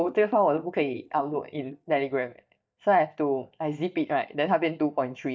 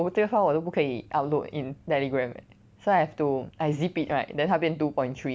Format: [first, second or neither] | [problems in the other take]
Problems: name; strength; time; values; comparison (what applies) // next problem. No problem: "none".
second | noise reduction (neural mask model DeepFilterNet 3)